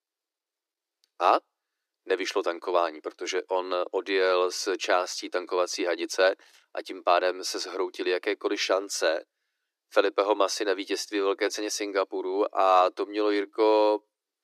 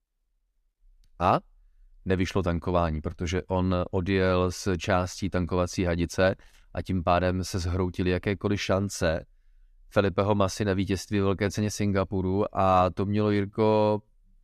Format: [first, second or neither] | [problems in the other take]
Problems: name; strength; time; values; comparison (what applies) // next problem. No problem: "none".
second | thin; very; fading below 300 Hz